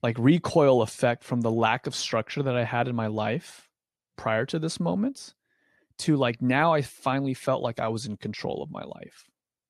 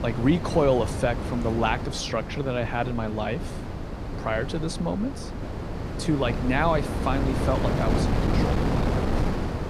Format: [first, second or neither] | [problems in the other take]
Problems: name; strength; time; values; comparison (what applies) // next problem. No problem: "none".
first | wind noise on the microphone; heavy; 6 dB below the speech